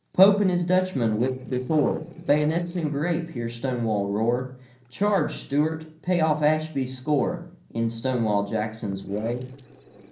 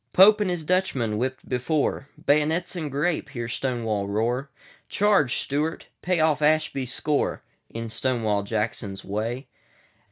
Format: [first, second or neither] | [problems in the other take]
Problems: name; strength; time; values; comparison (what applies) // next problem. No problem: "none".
second | noise reduction (neural separator model SepFormer DNS4)